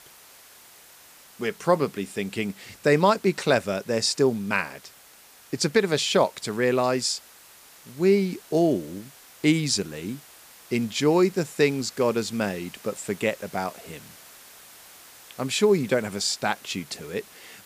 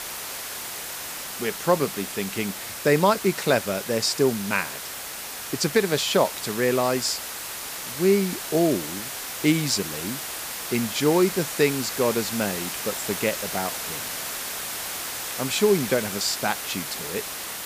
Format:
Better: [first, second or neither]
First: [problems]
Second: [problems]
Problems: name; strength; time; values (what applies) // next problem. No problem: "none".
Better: first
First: hiss; faint; throughout; 20 dB below the speech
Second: hiss; loud; throughout; 6 dB below the speech